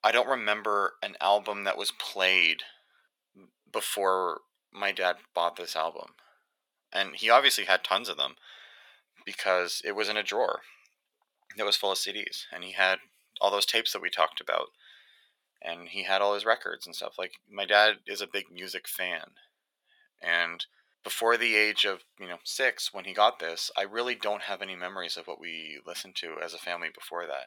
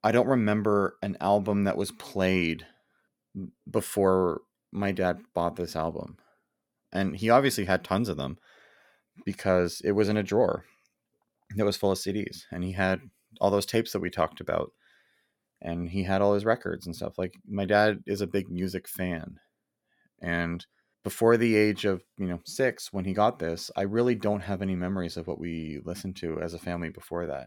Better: second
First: thin; very; fading below 850 Hz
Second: none

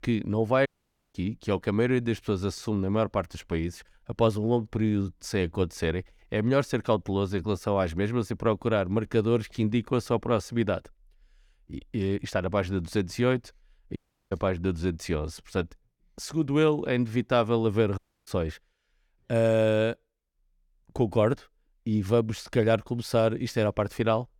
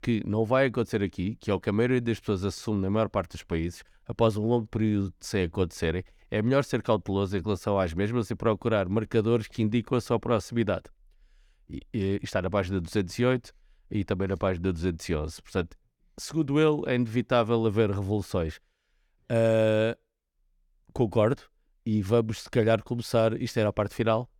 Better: second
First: audio cutting out; at 0.5 s, at 14 s and at 18 s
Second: none

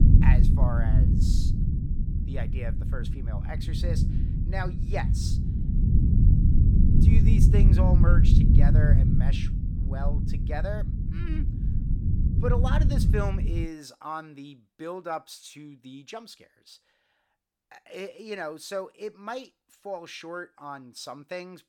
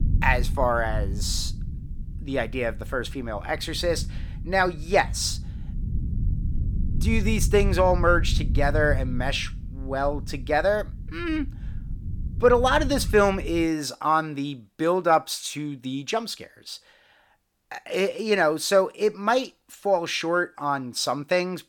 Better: second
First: low rumble; loud; until 14 s; 1 dB below the speech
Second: low rumble; faint; until 14 s; 20 dB below the speech

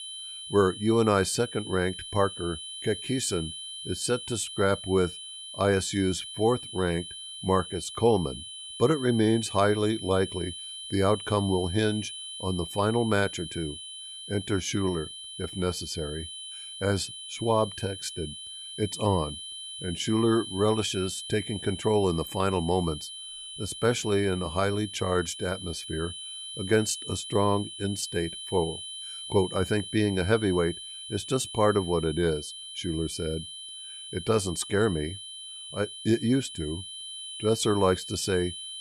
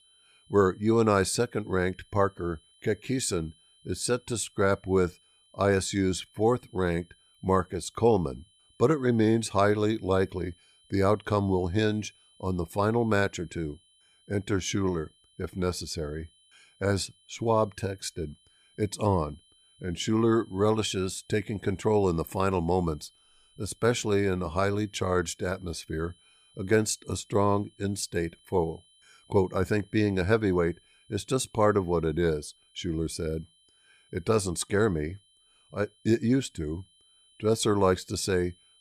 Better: second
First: high-pitched whine; loud; throughout; 3 kHz, 10 dB below the speech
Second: high-pitched whine; faint; throughout; 3 kHz, 35 dB below the speech

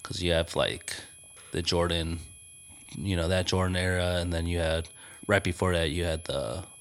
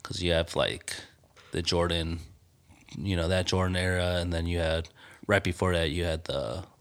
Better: second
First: high-pitched whine; noticeable; throughout; 11 kHz, 20 dB below the speech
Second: none

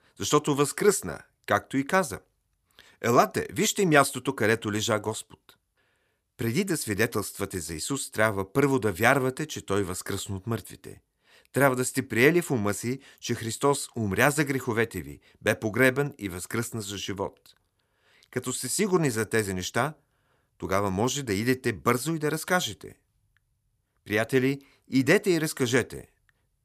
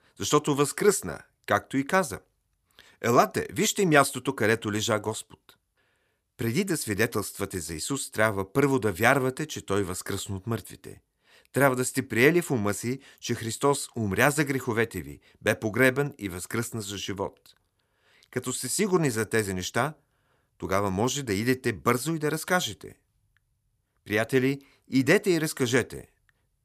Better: neither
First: none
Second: none

